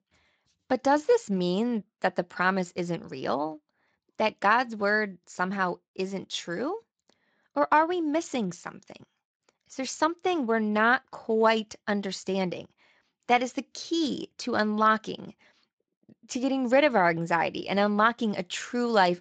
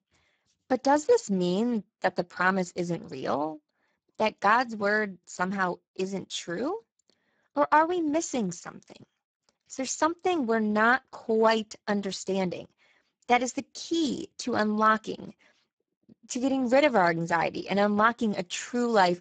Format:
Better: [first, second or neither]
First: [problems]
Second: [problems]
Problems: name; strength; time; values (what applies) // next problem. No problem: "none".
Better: first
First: garbled, watery; slightly; nothing above 7.5 kHz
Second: garbled, watery; badly; nothing above 7.5 kHz